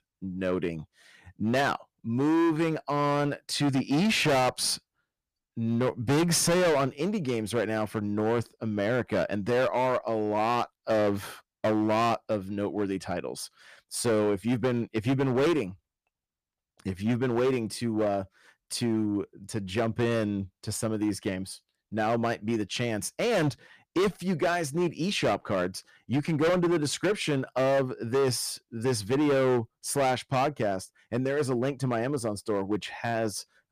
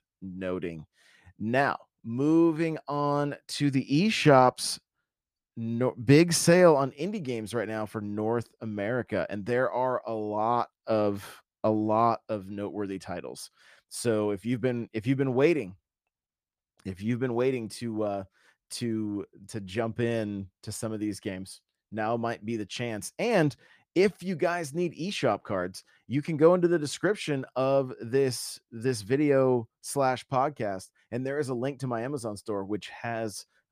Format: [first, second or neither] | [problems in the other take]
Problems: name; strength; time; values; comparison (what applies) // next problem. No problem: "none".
second | distortion; heavy; 12% of the sound clipped